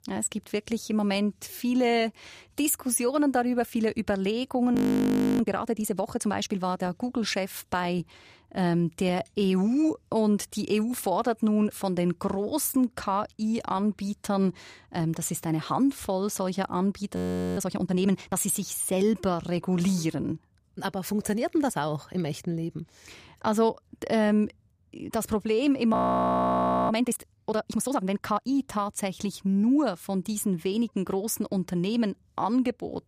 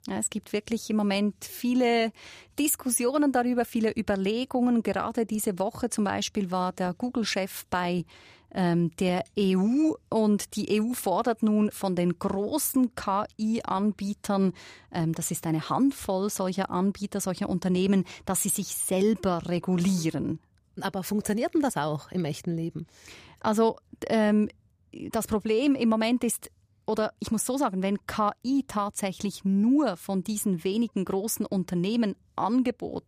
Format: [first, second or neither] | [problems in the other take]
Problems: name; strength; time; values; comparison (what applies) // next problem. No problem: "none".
second | audio freezing; at 5 s for 0.5 s, at 17 s and at 26 s for 1 s